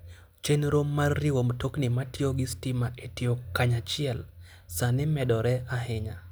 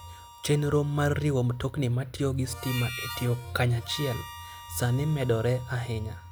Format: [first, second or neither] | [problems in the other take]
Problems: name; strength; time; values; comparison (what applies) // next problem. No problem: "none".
first | background sound (Harmonica); 15 dB below the speech